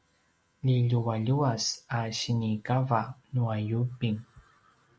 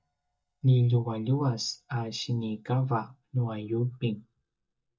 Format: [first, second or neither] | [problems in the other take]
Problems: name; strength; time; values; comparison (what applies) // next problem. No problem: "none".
first | noise reduction (neural mask model DeepFilterNet 3)